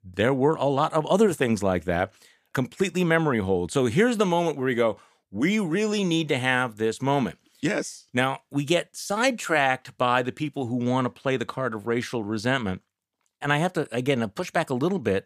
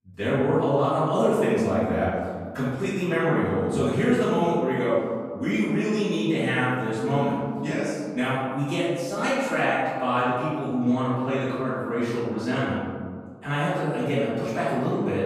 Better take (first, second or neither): first